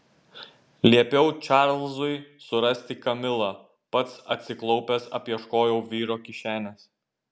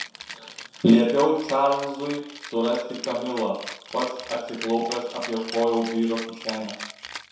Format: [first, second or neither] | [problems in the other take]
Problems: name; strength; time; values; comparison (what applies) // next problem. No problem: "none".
first | background sound (Rattle (instrument)); 14 dB below the speech // room echo; dies away in 0.7 s